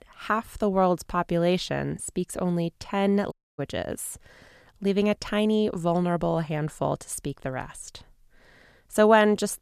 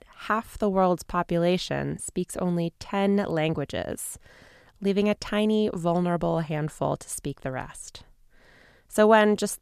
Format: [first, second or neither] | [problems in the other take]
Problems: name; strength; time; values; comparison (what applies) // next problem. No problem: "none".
second | audio cutting out; at 3.5 s